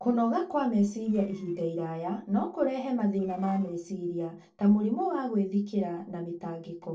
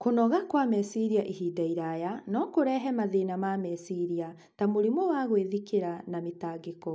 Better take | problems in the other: second | noise reduction (neural separator model SepFormer DNS4)

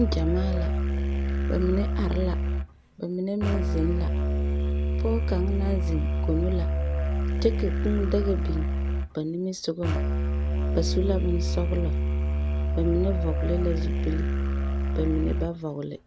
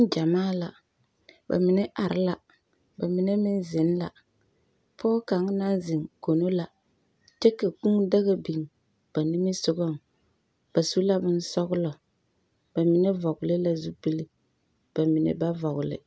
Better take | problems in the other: second | background sound (Musical instrument); 5 dB above the speech

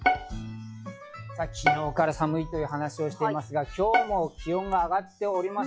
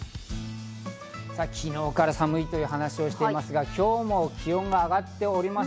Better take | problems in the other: second | noise reduction (classical method log-MMSE)

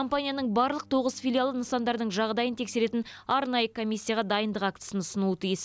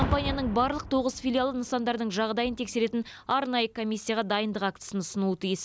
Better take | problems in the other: first | background sound (Boom); 10 dB below the speech

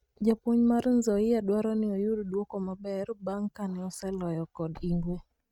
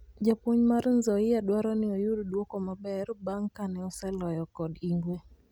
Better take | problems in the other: second | noise reduction (neural mask model RNNoise)

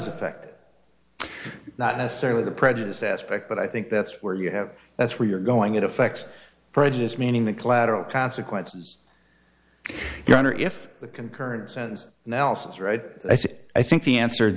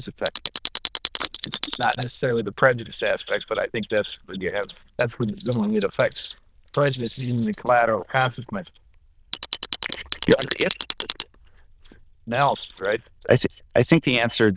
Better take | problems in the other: first | noise reduction (neural diffusion model UNIVERSE++)

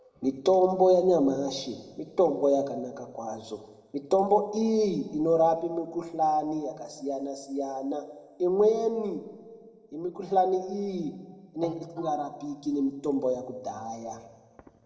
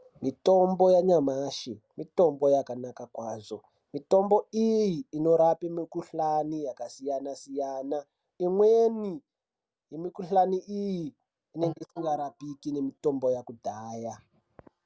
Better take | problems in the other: second | room echo; dies away in 1.4 s

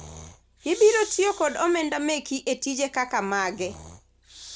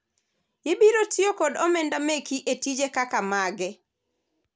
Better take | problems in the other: second | background sound (Breathing); 17 dB below the speech

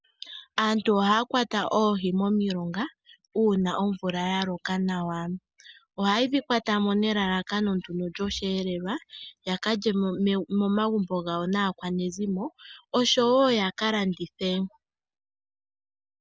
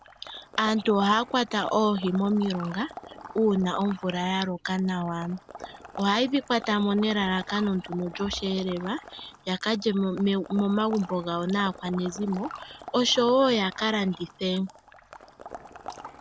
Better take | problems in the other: first | background sound (Water / Liquid); 17 dB below the speech

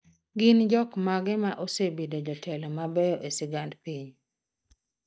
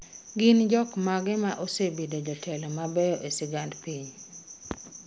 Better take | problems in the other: second | noise reduction (neural mask model DeepFilterNet 3)

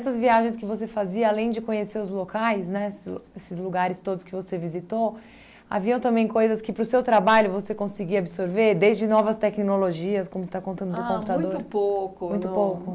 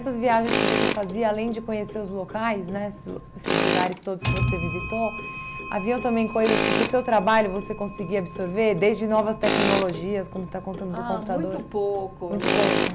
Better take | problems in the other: first | background sound (Tools + Clock); 3 dB below the speech

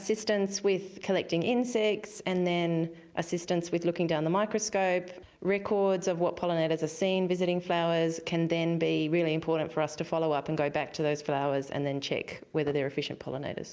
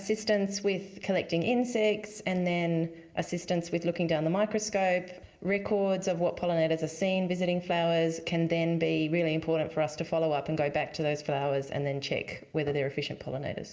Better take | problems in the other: first | room echo; dies away in 0.4 s

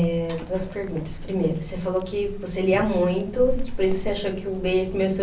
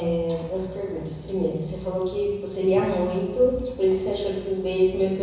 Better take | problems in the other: first | room echo; dies away in 1 s

